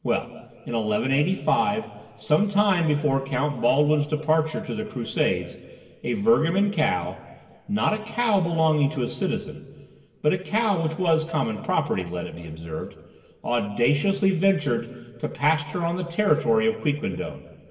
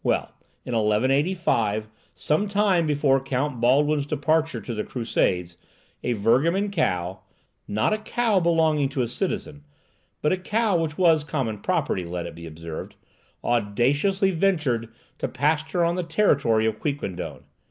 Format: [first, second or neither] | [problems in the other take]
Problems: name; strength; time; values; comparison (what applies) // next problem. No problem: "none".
second | room echo; dies away in 2 s